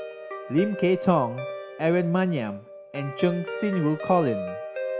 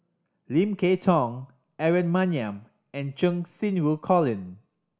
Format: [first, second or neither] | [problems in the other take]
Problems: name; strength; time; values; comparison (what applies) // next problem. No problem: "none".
second | background sound (Guitar); 8 dB below the speech